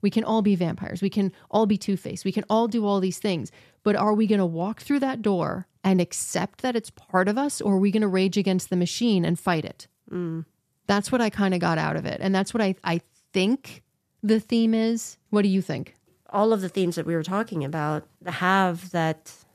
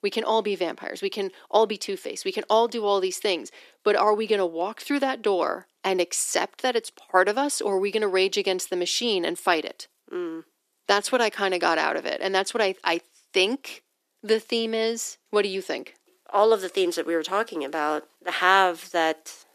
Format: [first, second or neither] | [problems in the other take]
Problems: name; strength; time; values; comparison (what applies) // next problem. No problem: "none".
first | thin; very; fading below 300 Hz